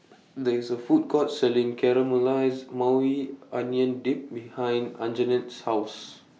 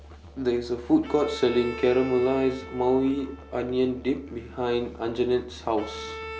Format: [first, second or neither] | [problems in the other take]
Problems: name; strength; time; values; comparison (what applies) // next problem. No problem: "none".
first | background sound (Bowed string instrument + Musical instrument); 14 dB below the speech